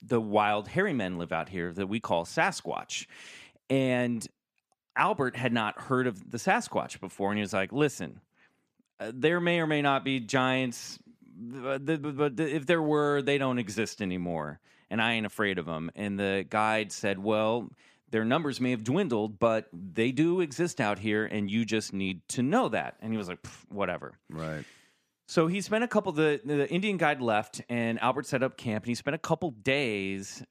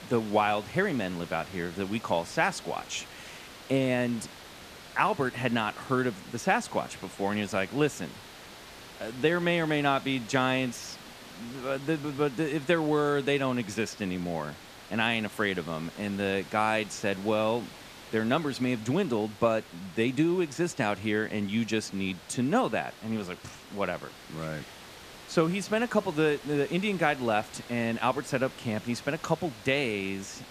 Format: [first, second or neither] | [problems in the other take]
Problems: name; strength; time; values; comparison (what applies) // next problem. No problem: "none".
first | hiss; noticeable; throughout; 15 dB below the speech